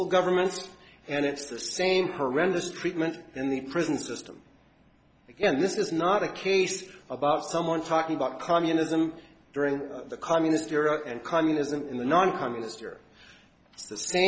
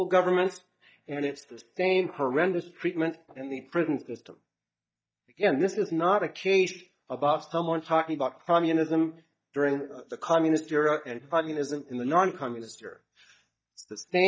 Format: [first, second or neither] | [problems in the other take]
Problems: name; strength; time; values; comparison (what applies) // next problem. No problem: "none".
first | noise reduction (neural mask model DeepFilterNet 3)